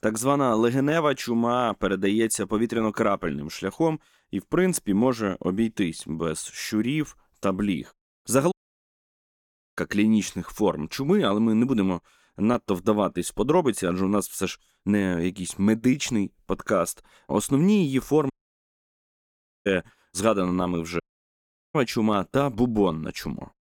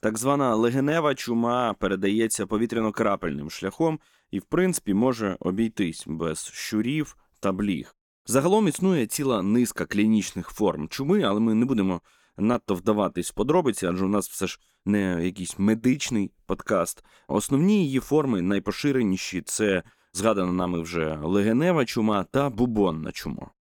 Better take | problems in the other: second | audio cutting out; at 8.5 s for 1.5 s, at 18 s for 1.5 s and at 21 s for 0.5 s

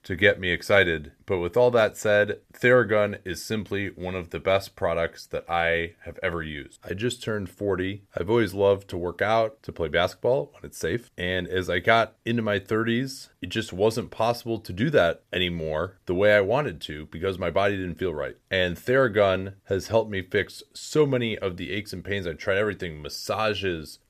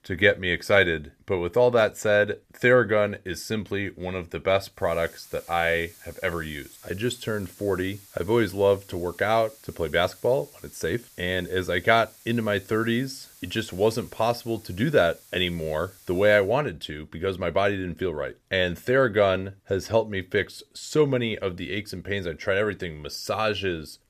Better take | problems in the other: first | hiss; faint; from 5 to 16 s; 25 dB below the speech

